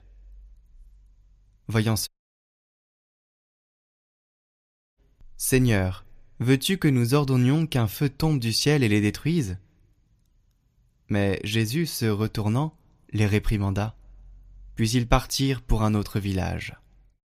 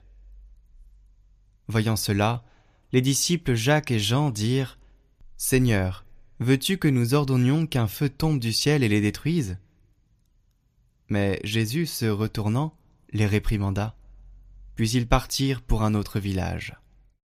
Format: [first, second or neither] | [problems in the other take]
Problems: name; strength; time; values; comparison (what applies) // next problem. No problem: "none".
second | audio cutting out; at 2 s for 3 s